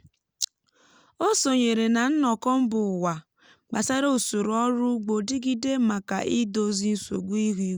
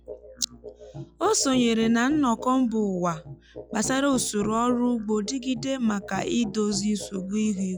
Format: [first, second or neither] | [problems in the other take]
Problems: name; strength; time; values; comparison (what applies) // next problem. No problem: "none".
first | noise reduction (classical method log-MMSE)